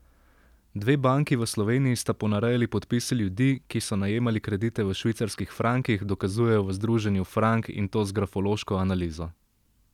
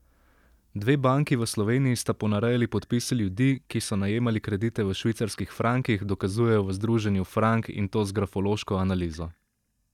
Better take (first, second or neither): first